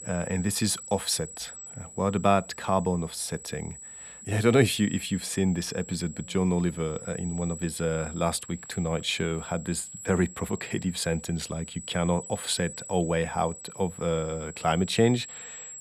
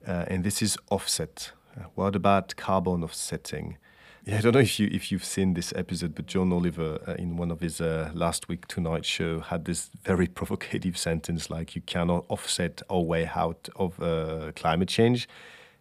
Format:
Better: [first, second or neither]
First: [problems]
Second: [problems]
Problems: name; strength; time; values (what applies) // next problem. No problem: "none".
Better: second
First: high-pitched whine; noticeable; throughout; 8 kHz, 15 dB below the speech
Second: none